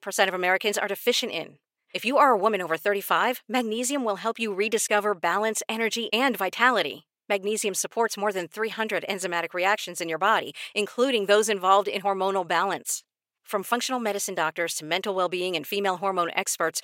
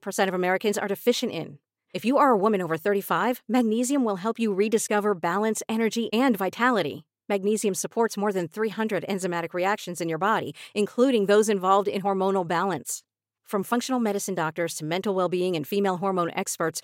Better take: second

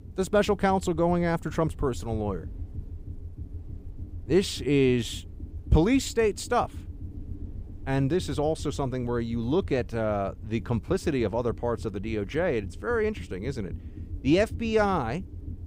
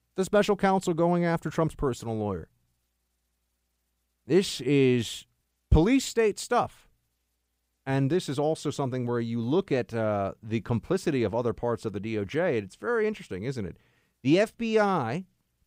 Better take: second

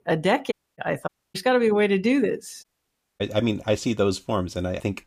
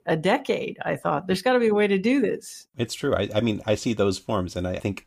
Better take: second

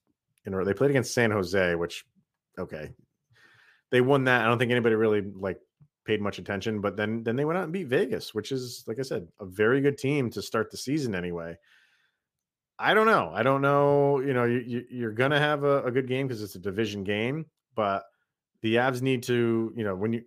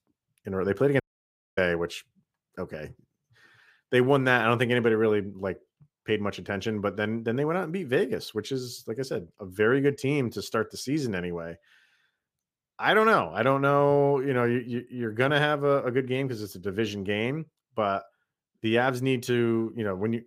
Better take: first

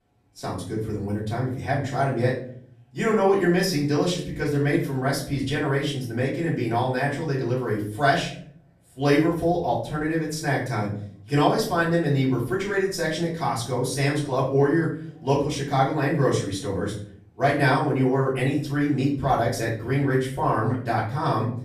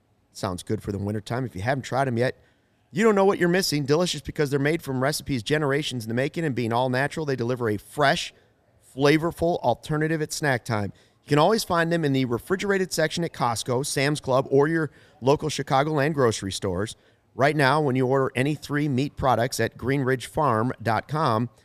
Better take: second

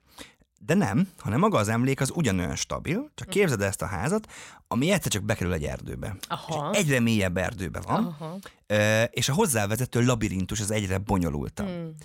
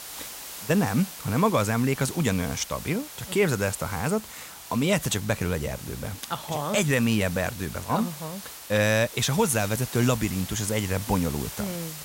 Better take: first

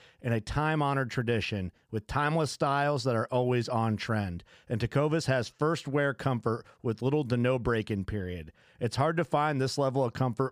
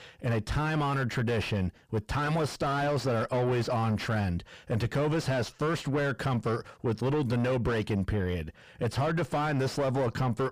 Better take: first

